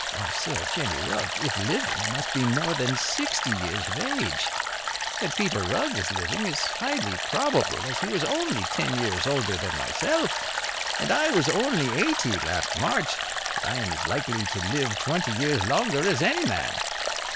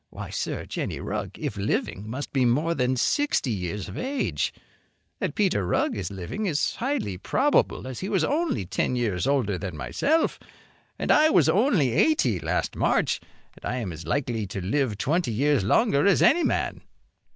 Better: second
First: background sound (Stream); 1 dB below the speech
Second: none

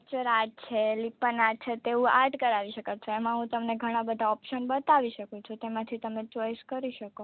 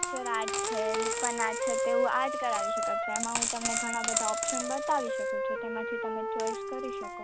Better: first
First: none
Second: background sound (Wind instrument, woodwind instrument + Coin (dropping)); 4 dB above the speech

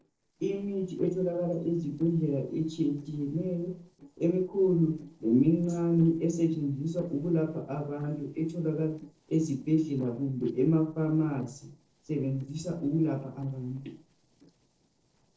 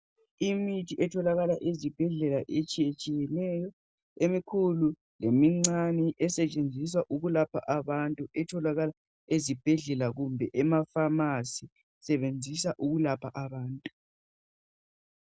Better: second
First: noise reduction (neural separator model SepFormer DNS4)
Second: none

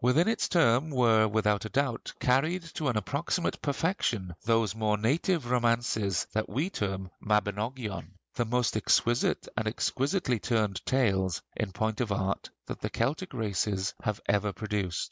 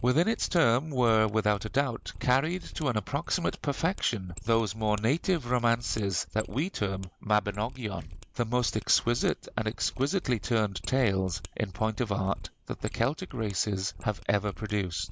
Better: first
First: none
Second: background sound (Mechanisms); 16 dB below the speech

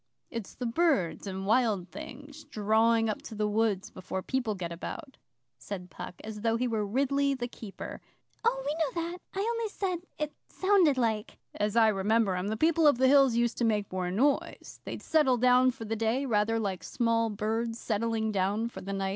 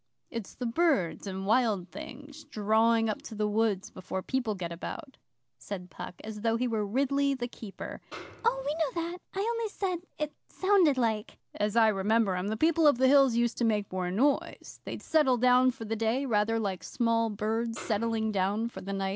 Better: first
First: none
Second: background sound (Snare drum); 17 dB below the speech

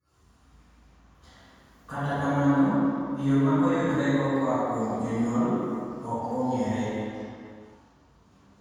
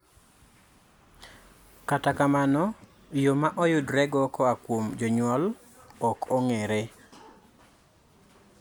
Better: second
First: room echo; dies away in 2.1 s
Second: none

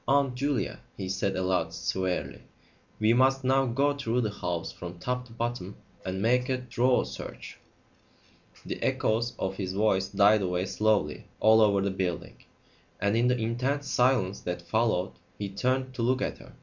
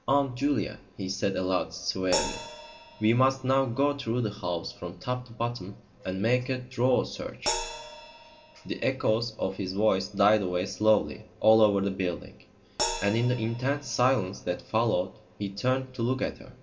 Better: first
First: none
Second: background sound (Crash cymbal); 14 dB below the speech // room echo; dies away in 0.2 s

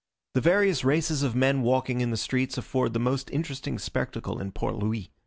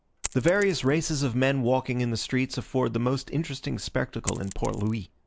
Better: first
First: none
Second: noise reduction (neural mask model Resemble Enhance denoiser)

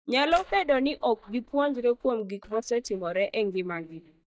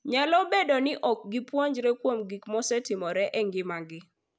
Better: second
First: noise reduction (neural mask model DeepFilterNet 3)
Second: none

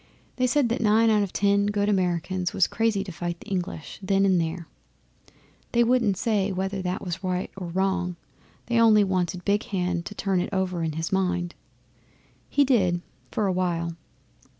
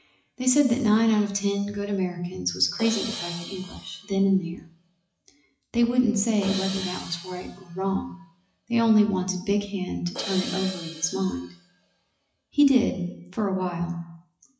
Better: first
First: none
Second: noise reduction (classical method WPE with log-MMSE)

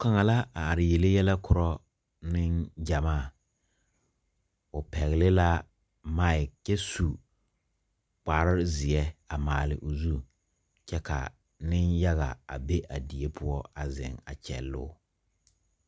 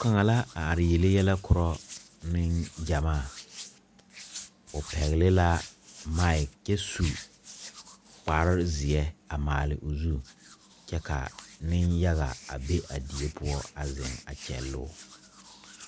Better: first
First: none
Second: background sound (Hands); 18 dB below the speech

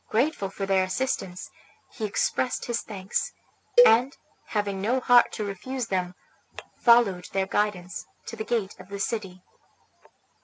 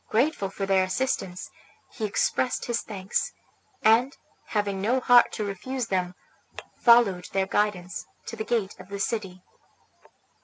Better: second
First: background sound (Cowbell); as loud as the speech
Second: none

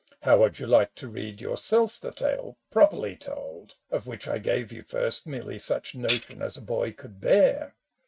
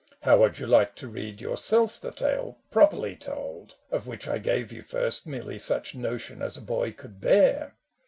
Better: second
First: noise reduction (neural mask model RNNoise)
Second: none

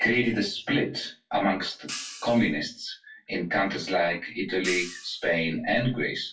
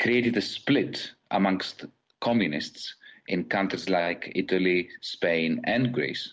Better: second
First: noise reduction (classical method WPE with log-MMSE)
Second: none

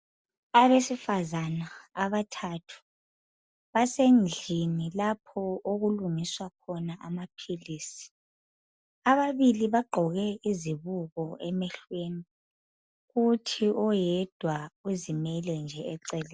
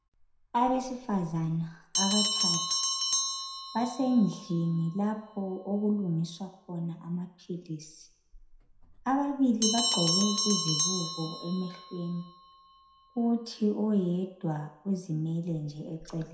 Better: first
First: none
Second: background sound (Bell); 4 dB below the speech // room echo; dies away in 0.6 s

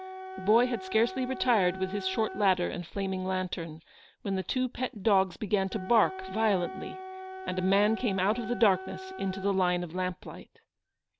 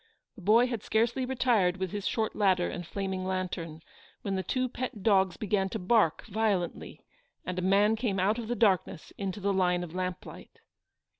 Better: second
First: background sound (Wind instrument, woodwind instrument); 13 dB below the speech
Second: none

